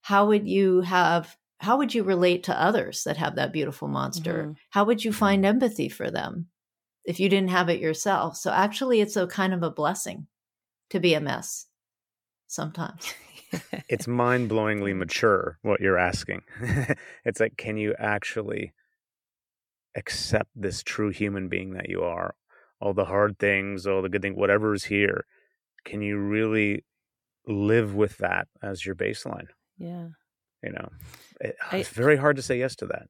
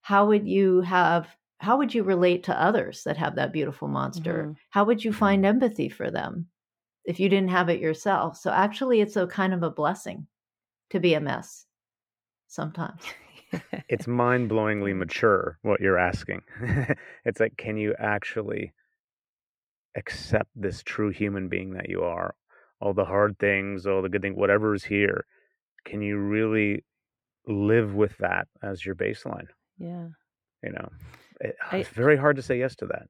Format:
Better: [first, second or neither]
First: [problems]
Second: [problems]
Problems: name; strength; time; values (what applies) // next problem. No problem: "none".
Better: first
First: none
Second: muffled; slightly; fading above 4 kHz